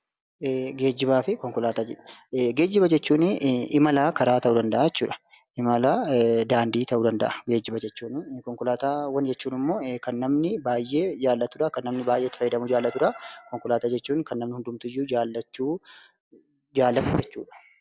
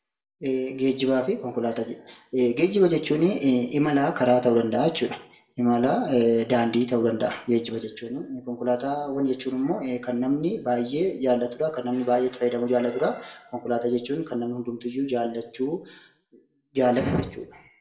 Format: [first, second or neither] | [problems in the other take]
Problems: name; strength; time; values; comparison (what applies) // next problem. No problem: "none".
first | room echo; dies away in 0.4 s